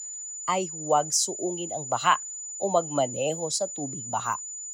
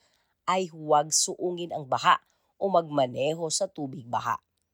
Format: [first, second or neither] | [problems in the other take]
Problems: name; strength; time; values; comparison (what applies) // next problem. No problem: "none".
second | high-pitched whine; loud; throughout; 7 kHz, 7 dB below the speech